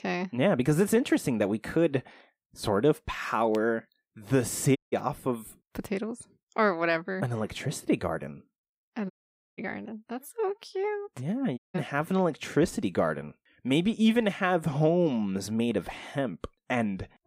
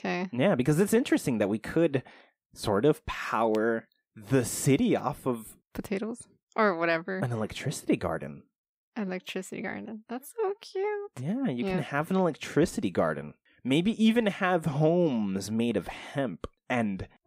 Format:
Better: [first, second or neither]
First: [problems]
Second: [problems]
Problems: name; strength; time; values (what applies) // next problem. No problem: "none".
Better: second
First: audio cutting out; at 5 s, at 9 s and at 12 s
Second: none